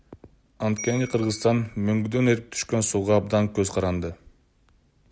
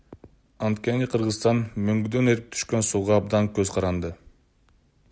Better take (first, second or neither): second